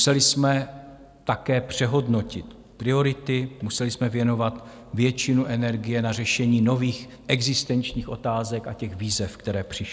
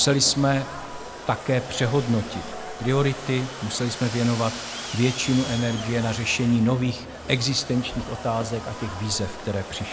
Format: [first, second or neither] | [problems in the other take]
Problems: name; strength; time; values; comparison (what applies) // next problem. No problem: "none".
first | background sound (Crowd + Domestic sounds, home sounds); 11 dB below the speech